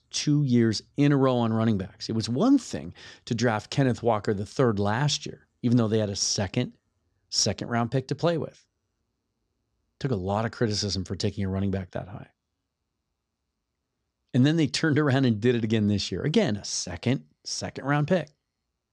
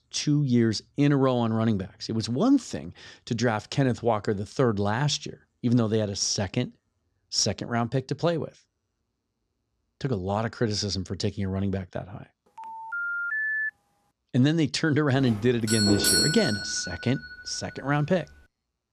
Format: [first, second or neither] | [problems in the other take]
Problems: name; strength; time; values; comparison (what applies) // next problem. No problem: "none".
first | phone ringing; loud; from 13 to 14 s; peak level with the speech // doorbell; loud; from 15 to 17 s; peak 6 dB above the speech